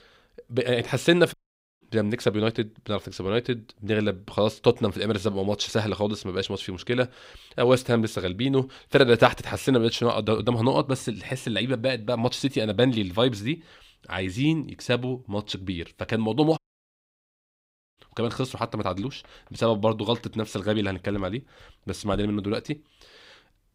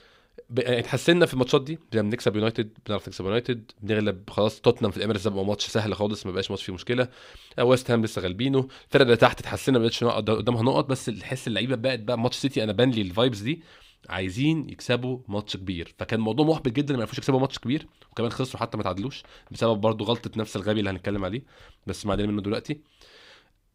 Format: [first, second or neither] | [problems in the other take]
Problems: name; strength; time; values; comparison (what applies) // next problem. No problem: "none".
second | audio cutting out; at 1.5 s and at 17 s for 1.5 s